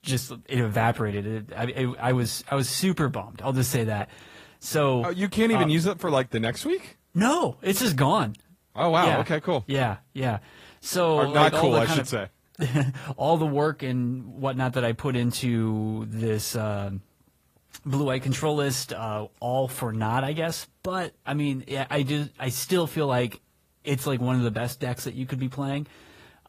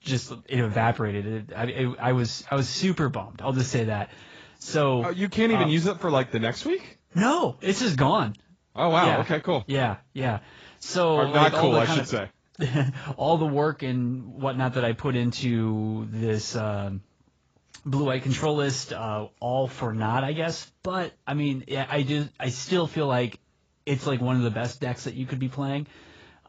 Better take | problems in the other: first | garbled, watery; badly; nothing above 7.5 kHz; slightly in the first

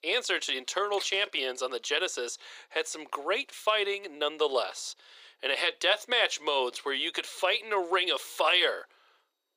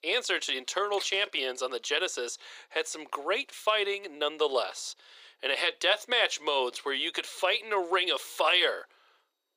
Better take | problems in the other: neither | thin; very; fading below 400 Hz; the same in both

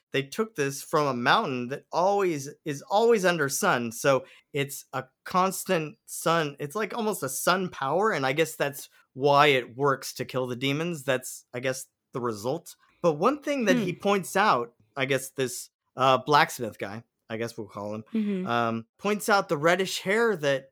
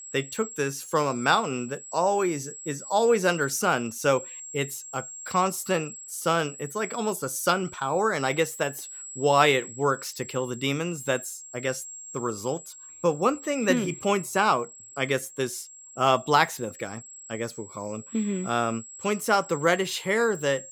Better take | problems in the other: first | high-pitched whine; noticeable; throughout; 7.5 kHz, 15 dB below the speech

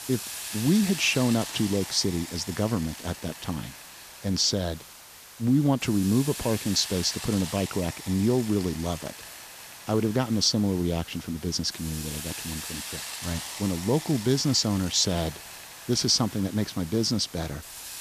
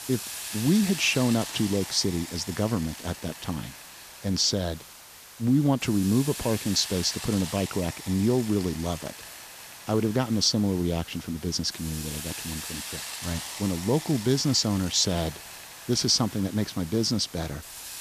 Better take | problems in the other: neither | hiss; noticeable; throughout; 10 dB below the speech; the same in both

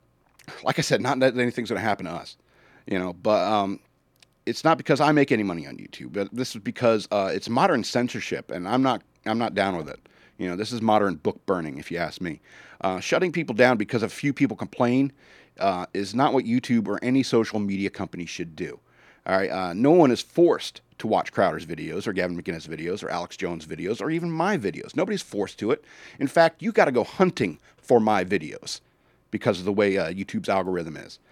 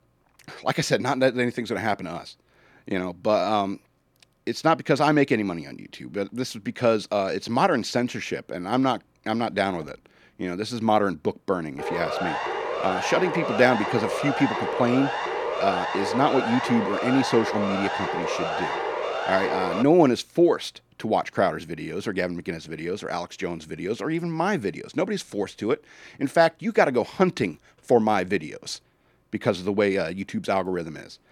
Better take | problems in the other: first | siren; noticeable; from 12 to 20 s; peak 2 dB below the speech

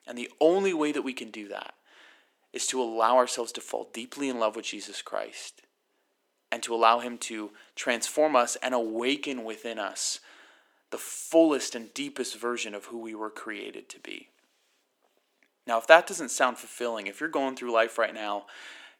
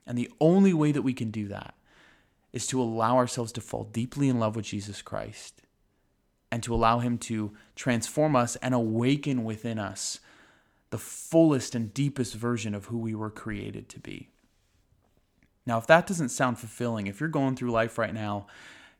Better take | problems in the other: second | thin; somewhat; fading below 350 Hz

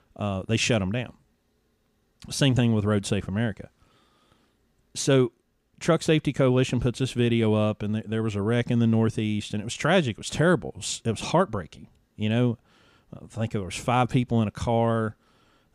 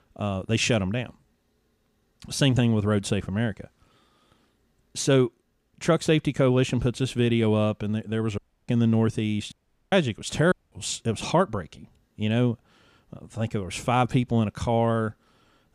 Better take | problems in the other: first | audio cutting out; at 8.5 s, at 9.5 s and at 11 s

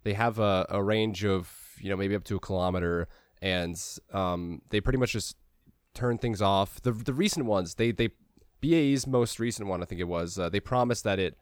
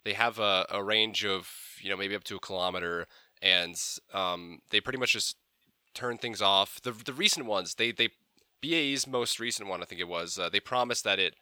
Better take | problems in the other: first | thin; somewhat; fading below 950 Hz

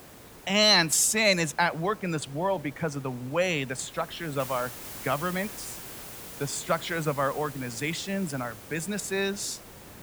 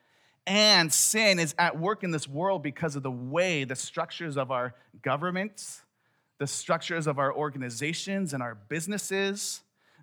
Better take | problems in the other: second | hiss; noticeable; throughout; 15 dB below the speech

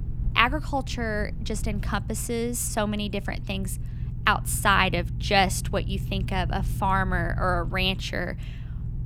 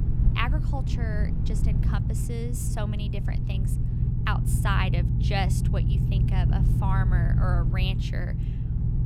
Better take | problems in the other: first | low rumble; loud; throughout; 5 dB below the speech; faint in the first

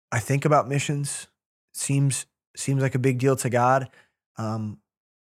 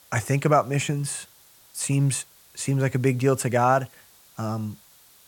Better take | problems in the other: first | hiss; faint; throughout; 25 dB below the speech

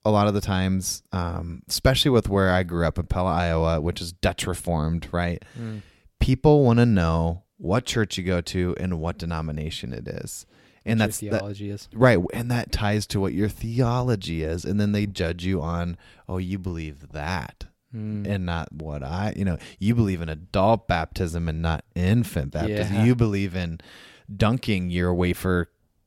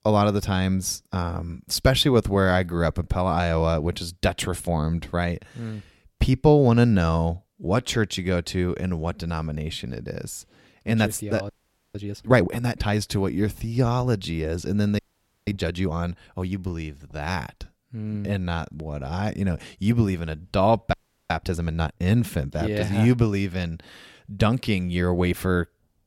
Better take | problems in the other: first | audio freezing; at 11 s, at 15 s and at 21 s

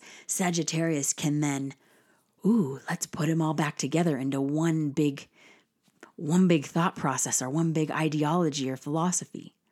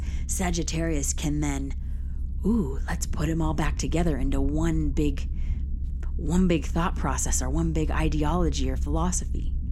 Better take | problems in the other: first | low rumble; noticeable; throughout; 20 dB below the speech

